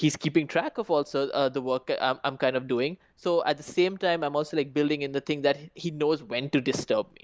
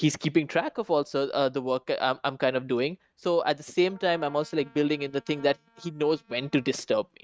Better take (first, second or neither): first